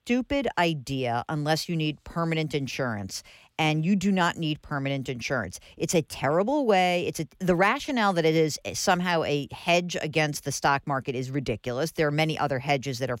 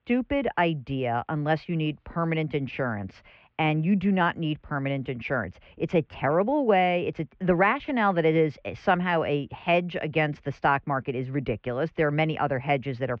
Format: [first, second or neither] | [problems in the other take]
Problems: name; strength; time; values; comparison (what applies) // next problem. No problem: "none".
first | muffled; very; fading above 2.5 kHz